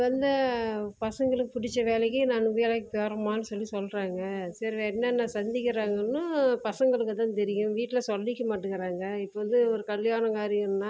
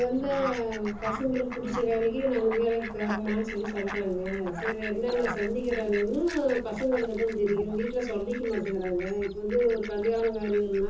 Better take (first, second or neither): first